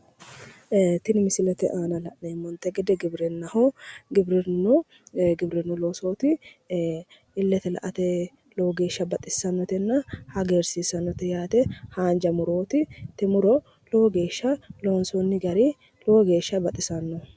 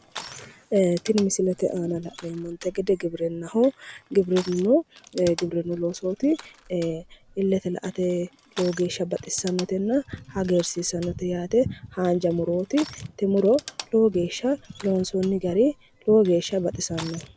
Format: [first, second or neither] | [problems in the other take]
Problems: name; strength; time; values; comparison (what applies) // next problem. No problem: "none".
first | background sound (Crushing); 20 dB below the speech